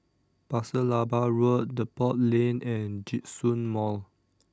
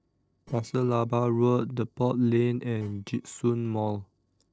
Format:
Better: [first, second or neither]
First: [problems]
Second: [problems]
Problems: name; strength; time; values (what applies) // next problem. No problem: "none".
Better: first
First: none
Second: noise reduction (neural separator model SepFormer DNS4)